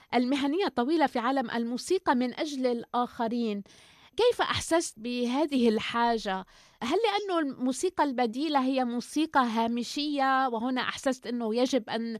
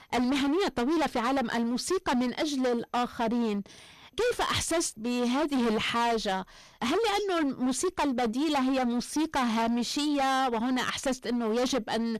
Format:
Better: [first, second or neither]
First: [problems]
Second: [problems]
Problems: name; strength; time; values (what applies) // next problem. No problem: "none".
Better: first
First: none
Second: distortion; heavy; 25% of the sound clipped